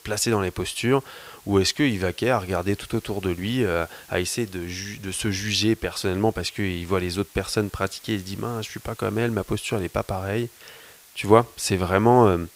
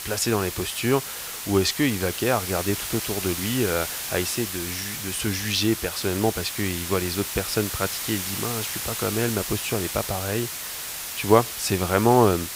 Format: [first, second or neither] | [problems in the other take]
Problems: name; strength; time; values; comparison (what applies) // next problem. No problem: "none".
first | hiss; loud; throughout; 4 dB below the speech; faint in the first